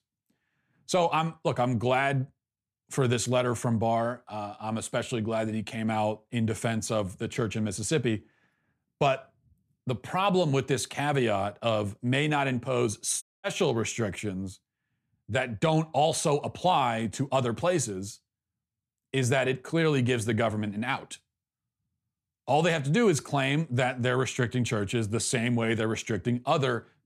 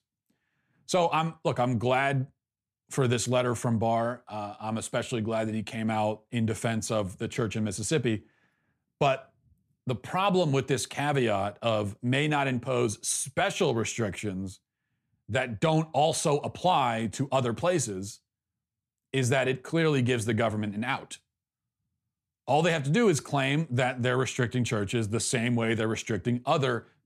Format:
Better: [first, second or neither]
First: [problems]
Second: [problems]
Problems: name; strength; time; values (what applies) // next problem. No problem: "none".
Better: second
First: audio cutting out; at 13 s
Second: none